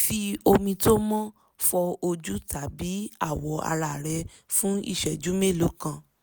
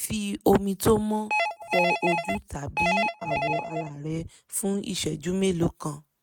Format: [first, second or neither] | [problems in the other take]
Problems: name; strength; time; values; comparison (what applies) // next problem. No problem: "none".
first | noise reduction (neural mask model RNNoise)